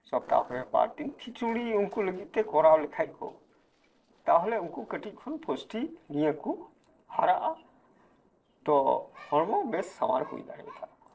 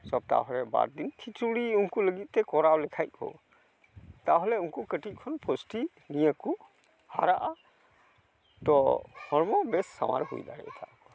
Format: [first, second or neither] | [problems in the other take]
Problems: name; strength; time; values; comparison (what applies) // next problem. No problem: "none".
second | noise reduction (neural separator model SepFormer DNS4)